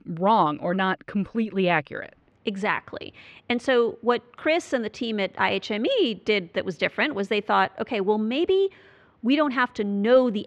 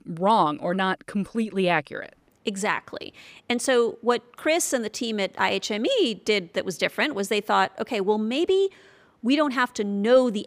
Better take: second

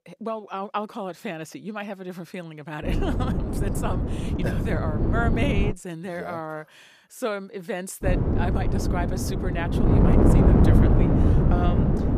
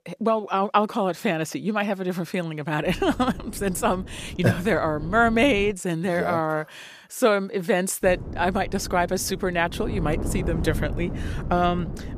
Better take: second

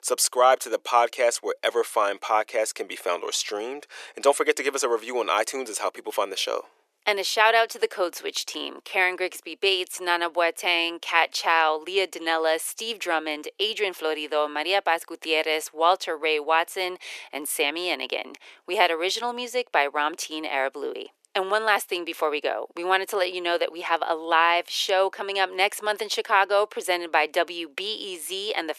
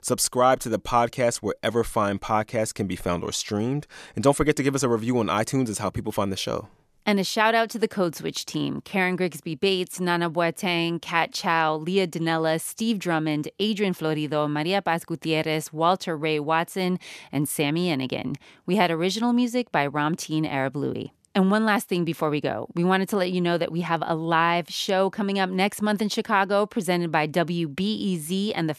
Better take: second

